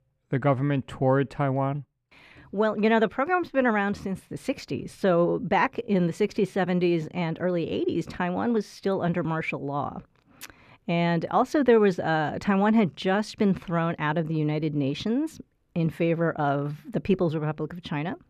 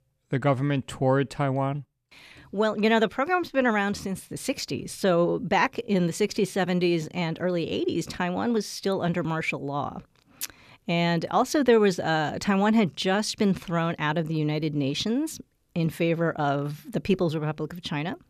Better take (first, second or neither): second